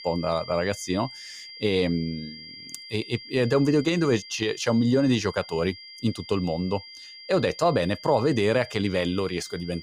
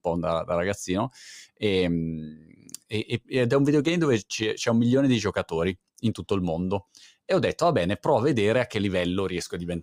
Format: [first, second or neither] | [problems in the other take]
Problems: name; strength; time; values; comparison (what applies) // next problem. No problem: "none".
second | high-pitched whine; noticeable; throughout; 5 kHz, 15 dB below the speech